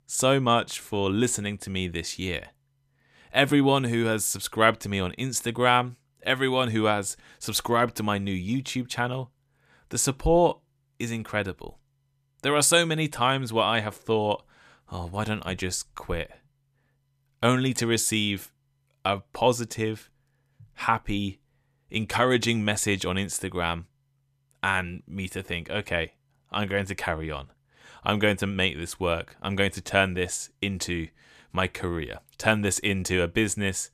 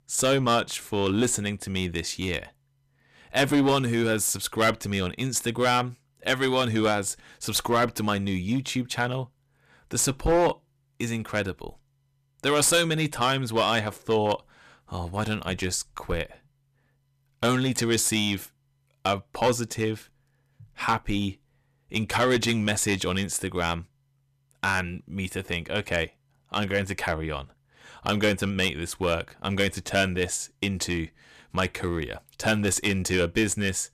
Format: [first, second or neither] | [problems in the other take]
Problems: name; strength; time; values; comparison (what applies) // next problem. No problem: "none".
first | distortion; slight; 4% of the sound clipped